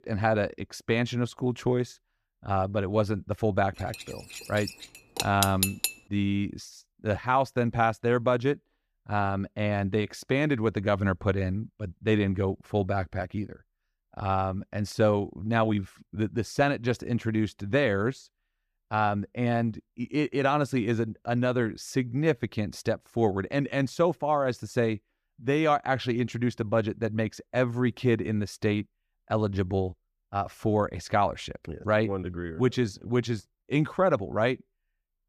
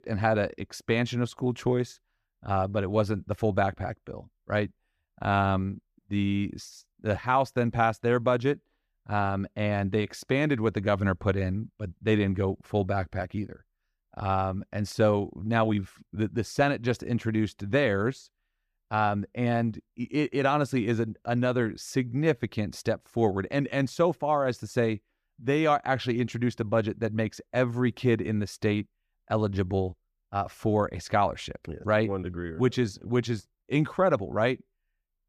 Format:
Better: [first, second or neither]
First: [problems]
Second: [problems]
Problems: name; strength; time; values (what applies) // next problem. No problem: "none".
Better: second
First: clattering dishes; loud; from 4 to 6 s; peak 1 dB above the speech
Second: none